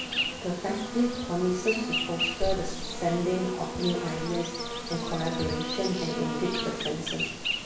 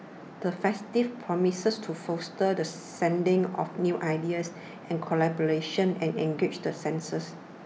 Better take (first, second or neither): second